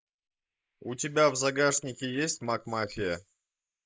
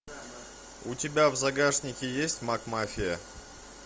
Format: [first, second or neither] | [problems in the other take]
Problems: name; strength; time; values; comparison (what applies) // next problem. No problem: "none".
second | noise reduction (neural mask model Resemble Enhance denoiser)